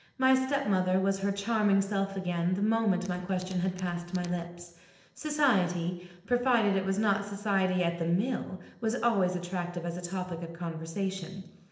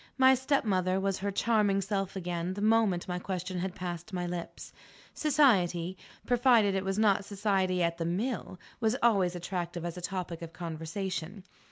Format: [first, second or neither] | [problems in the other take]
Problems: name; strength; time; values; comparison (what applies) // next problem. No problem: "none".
second | noise reduction (neural separator model SepFormer DNS4)